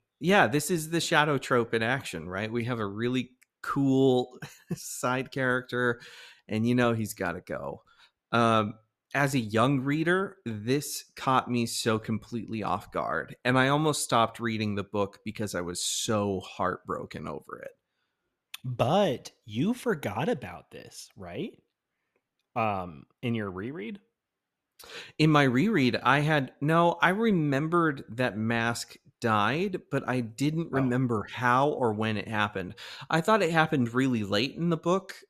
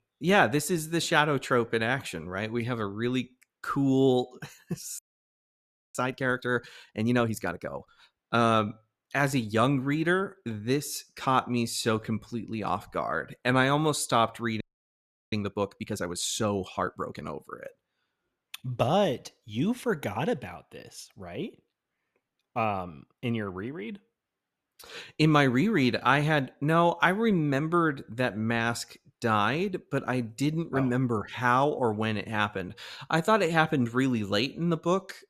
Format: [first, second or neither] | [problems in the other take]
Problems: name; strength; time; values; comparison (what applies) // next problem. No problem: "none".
first | audio freezing; at 5 s for 1 s and at 15 s for 0.5 s